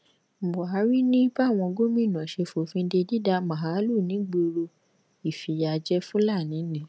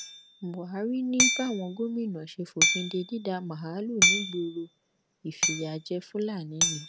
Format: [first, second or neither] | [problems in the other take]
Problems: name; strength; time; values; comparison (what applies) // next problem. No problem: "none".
first | background sound (Hammer); 2 dB above the speech